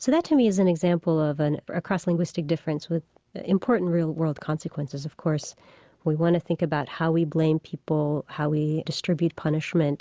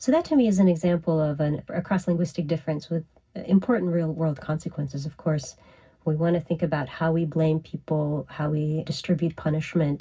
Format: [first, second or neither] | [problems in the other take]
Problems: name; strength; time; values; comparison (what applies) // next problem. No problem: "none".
first | room echo; dies away in 0.4 s